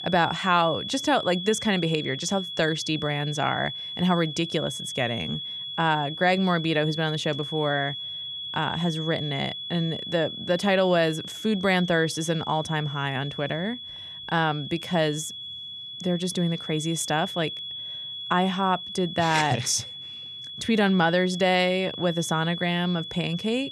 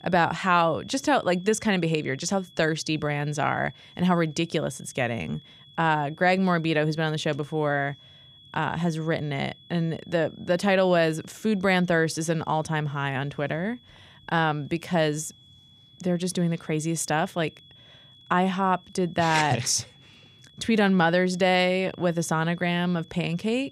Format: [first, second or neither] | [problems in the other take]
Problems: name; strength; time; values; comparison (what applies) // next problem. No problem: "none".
second | high-pitched whine; loud; throughout; 3.5 kHz, 8 dB below the speech; faint in the second